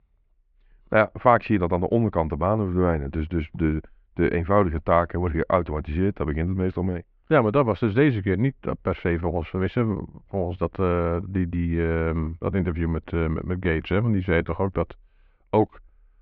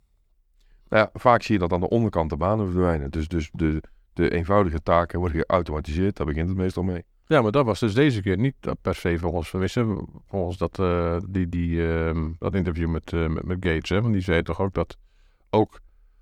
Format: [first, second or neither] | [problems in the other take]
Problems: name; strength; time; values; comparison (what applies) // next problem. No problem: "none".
second | muffled; very; fading above 3 kHz